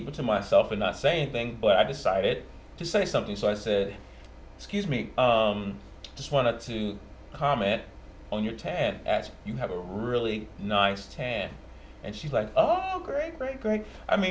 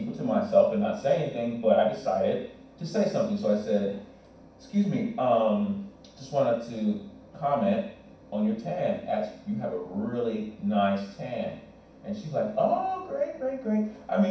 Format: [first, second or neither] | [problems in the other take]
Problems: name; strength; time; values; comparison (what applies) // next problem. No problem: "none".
first | room echo; dies away in 0.6 s